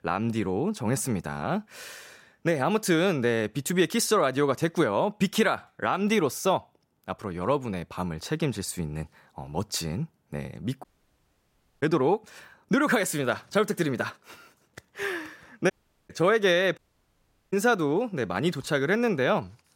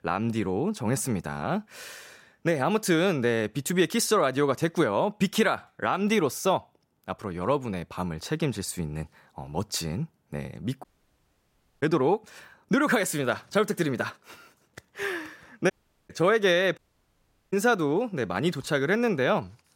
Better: neither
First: audio cutting out; at 11 s for 1 s, at 16 s and at 17 s for 0.5 s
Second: audio cutting out; at 11 s for 1 s, at 16 s and at 17 s for 0.5 s

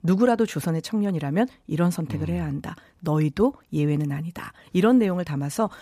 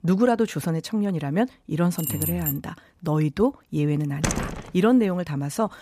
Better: first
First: none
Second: jangling keys; noticeable; at 2 s; peak 3 dB below the speech // door banging; noticeable; at 4 s; peak 2 dB below the speech

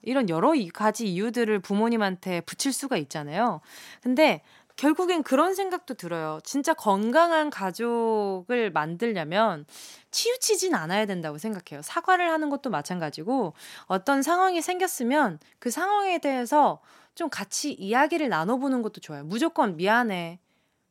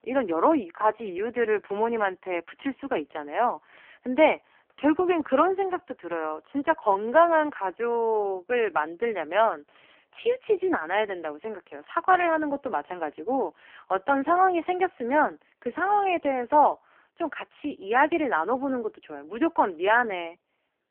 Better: first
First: none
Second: phone-call audio; poor line; nothing above 3 kHz

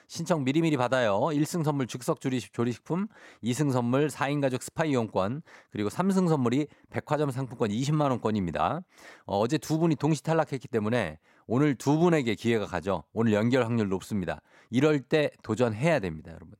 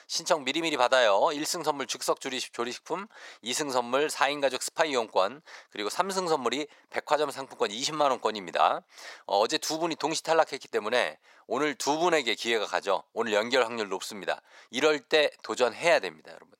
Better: first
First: none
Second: thin; very; fading below 600 Hz

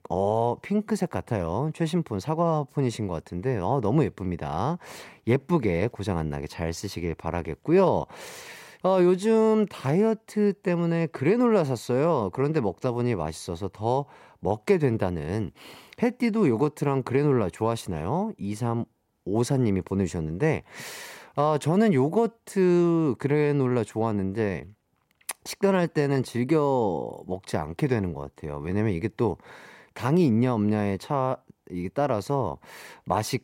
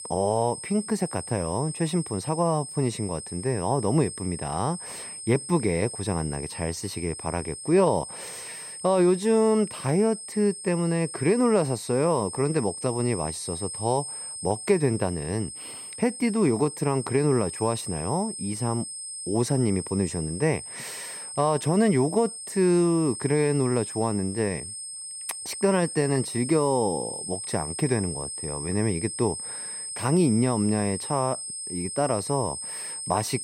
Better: first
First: none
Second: high-pitched whine; loud; throughout; 8.5 kHz, 8 dB below the speech

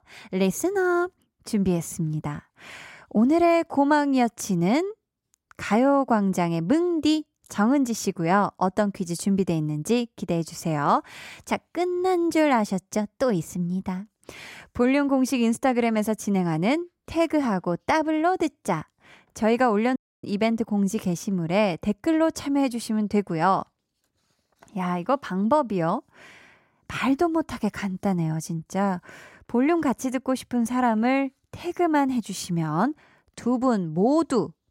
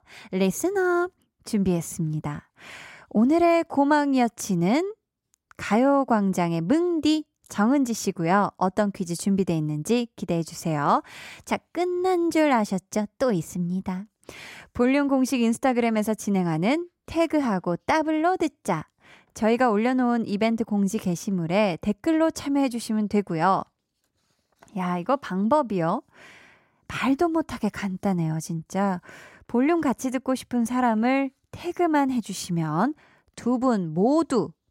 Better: second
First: audio cutting out; at 20 s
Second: none

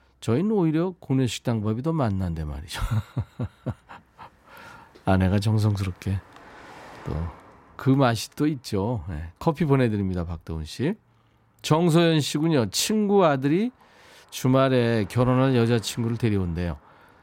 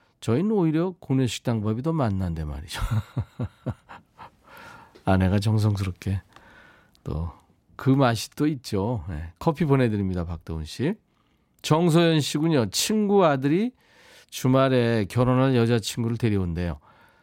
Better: second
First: traffic noise; faint; throughout; 25 dB below the speech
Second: none

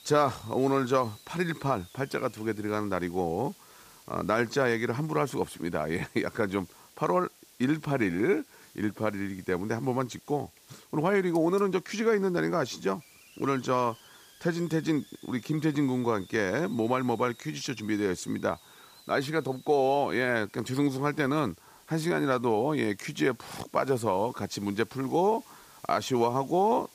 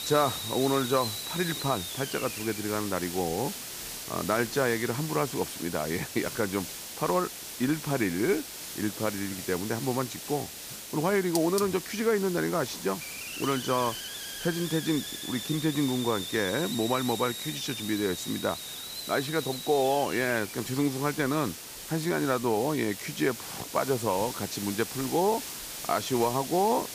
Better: first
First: hiss; faint; throughout; 25 dB below the speech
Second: hiss; loud; throughout; 6 dB below the speech

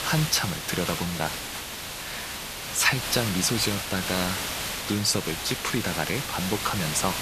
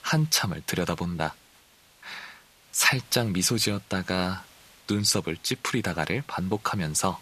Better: second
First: hiss; loud; throughout; 4 dB below the speech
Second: hiss; faint; throughout; 25 dB below the speech

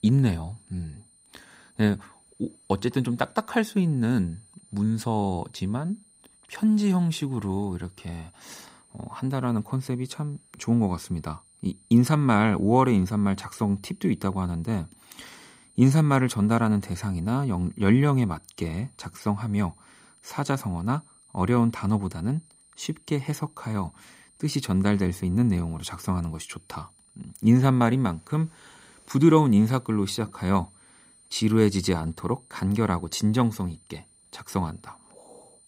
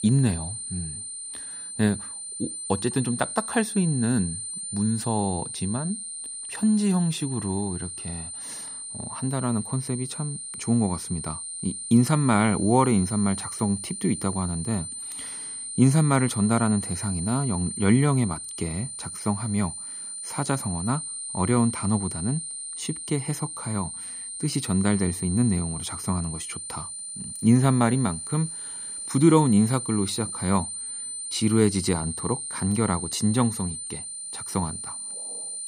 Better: first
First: high-pitched whine; faint; throughout; 9 kHz, 30 dB below the speech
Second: high-pitched whine; loud; throughout; 9 kHz, 7 dB below the speech

